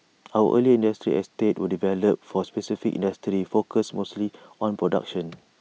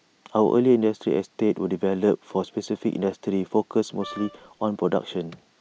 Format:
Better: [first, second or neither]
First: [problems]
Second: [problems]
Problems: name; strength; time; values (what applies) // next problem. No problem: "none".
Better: first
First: none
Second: background sound (Wind instrument, woodwind instrument); 17 dB below the speech